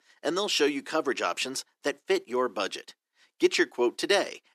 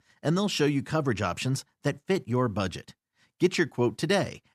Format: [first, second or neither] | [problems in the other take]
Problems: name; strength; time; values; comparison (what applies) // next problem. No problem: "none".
second | thin; somewhat; fading below 350 Hz